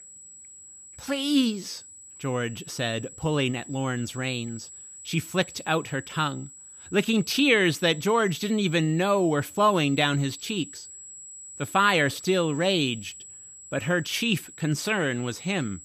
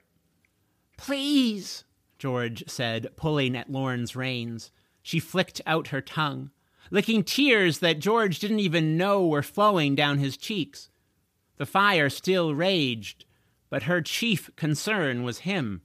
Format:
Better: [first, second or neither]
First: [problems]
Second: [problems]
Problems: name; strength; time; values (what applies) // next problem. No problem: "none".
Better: second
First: high-pitched whine; noticeable; throughout; 7.5 kHz, 15 dB below the speech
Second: none